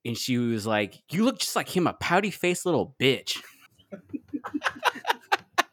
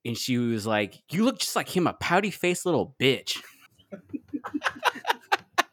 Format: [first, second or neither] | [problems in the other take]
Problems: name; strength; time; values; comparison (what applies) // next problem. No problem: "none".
neither | none